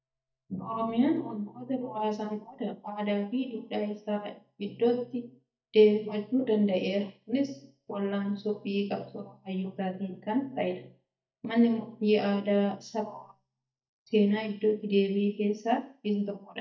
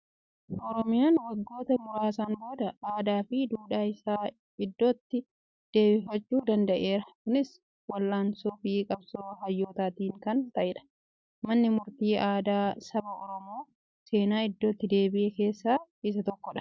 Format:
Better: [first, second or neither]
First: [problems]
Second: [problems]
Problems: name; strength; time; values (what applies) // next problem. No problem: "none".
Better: second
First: noise reduction (neural mask model DeepFilterNet 3)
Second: none